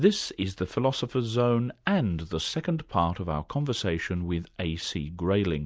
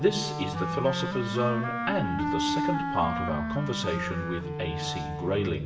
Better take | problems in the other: first | background sound (Wind instrument, woodwind instrument); 2 dB below the speech // room echo; dies away in 0.9 s

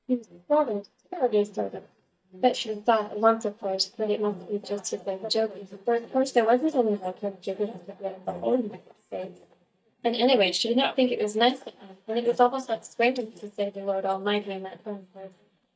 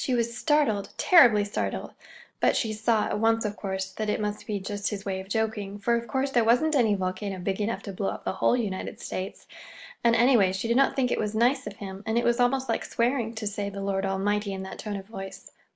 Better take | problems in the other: second | noise reduction (neural mask model DeepFilterNet 3)

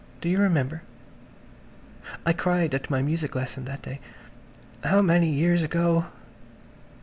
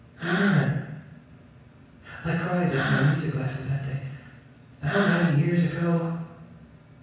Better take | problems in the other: first | background sound (Breathing); 8 dB below the speech // room echo; dies away in 1.1 s

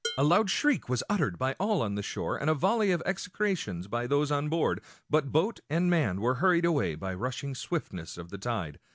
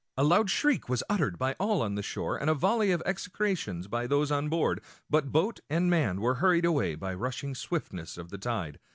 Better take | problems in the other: second | background sound (Dishes, pots, and pans); 13 dB below the speech

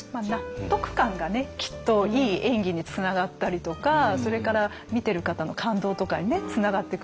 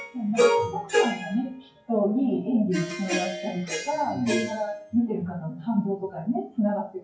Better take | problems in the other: first | noise reduction (classical method WPE with log-MMSE)

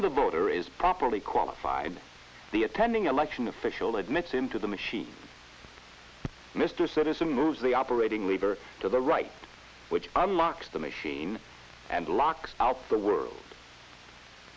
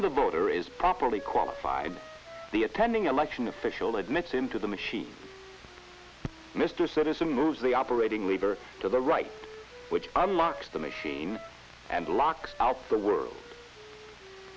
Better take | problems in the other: first | background sound (Wind instrument, woodwind instrument); 19 dB below the speech

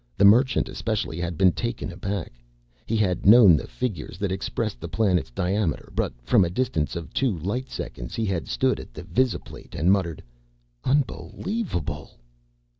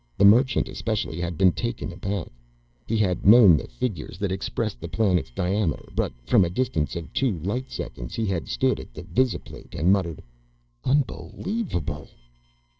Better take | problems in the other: first | noise reduction (neural separator model SepFormer DNS4)

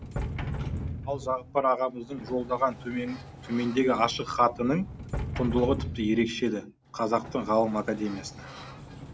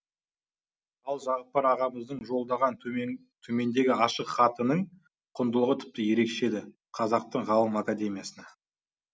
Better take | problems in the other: second | background sound (Sliding door); 9 dB below the speech

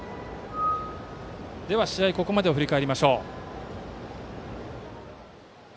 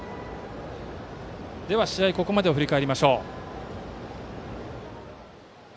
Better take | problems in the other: second | background sound (Screech / Glass); 5 dB below the speech

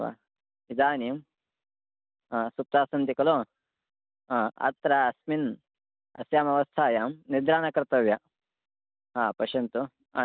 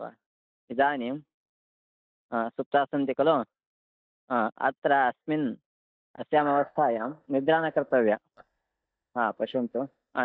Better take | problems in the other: first | noise reduction (neural mask model DeepFilterNet 3)

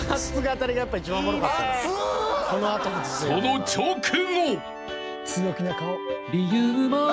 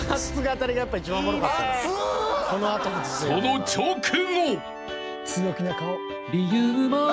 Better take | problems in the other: second | background sound (Wind instrument, woodwind instrument); 14 dB below the speech

